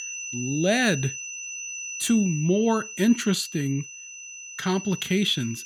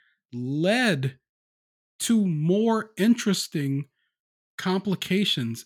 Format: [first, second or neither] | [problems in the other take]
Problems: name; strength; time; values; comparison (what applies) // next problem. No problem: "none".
second | high-pitched whine; loud; throughout; 6 kHz, 9 dB below the speech